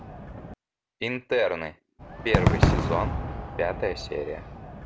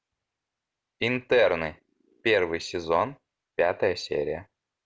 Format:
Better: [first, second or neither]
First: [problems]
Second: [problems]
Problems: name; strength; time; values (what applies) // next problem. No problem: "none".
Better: second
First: background sound (Crowd / Cheering / Fireworks); 2 dB above the speech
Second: none